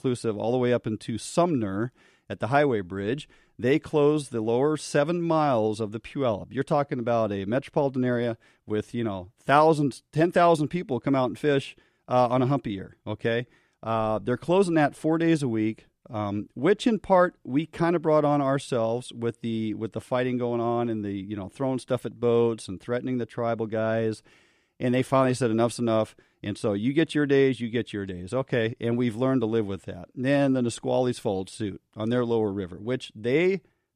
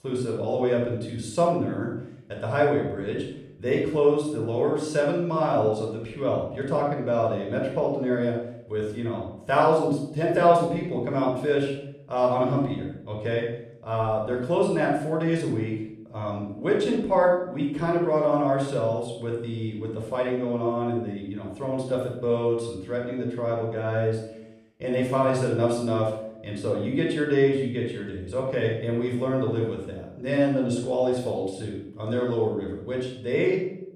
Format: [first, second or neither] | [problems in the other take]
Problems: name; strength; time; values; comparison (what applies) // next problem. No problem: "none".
first | off-mic speech; somewhat distant // room echo; noticeable; dies away in 0.6 s